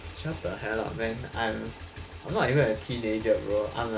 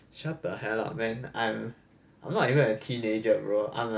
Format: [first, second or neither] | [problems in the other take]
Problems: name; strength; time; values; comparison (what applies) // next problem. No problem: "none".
second | background sound (Motorcycle / Engine); 12 dB below the speech